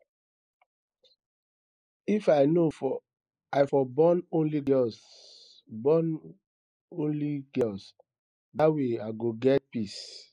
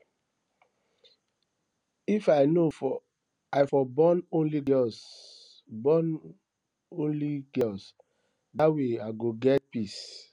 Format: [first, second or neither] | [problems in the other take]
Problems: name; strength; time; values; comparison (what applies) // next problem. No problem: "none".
second | noise reduction (neural mask model Resemble Enhance denoiser)